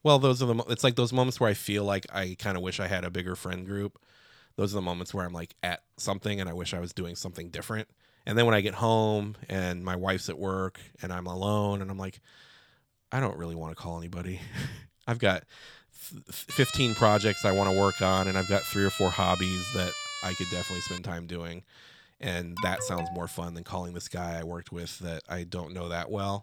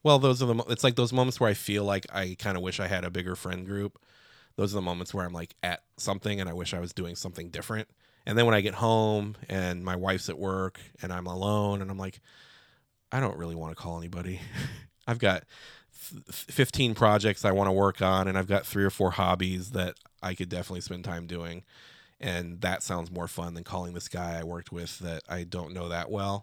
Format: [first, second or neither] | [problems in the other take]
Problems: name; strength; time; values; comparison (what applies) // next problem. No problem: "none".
second | siren; noticeable; from 17 to 21 s; peak 3 dB below the speech // alarm; noticeable; at 23 s; peak 7 dB below the speech